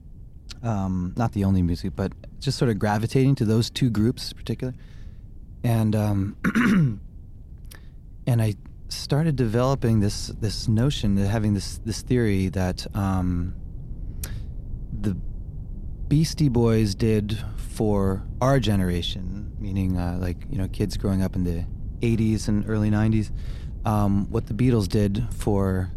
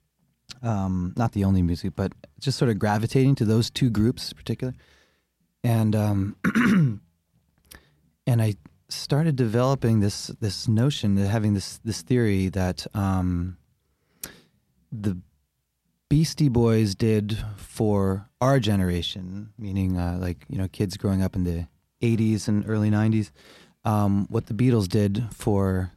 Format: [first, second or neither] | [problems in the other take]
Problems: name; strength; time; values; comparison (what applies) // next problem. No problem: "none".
second | low rumble; faint; throughout; 25 dB below the speech